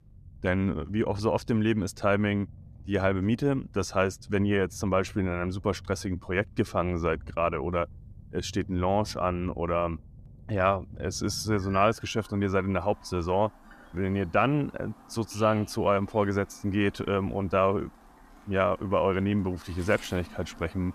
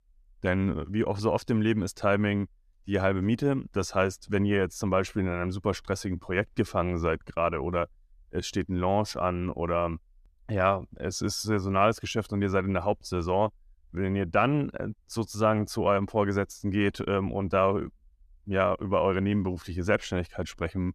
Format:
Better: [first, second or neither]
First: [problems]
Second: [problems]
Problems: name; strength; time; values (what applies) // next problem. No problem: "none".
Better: second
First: animal sounds; faint; throughout; 20 dB below the speech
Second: none